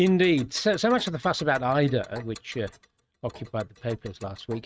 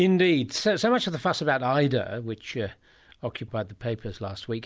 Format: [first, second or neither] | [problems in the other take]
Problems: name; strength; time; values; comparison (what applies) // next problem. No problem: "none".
second | noise reduction (neural mask model RNNoise)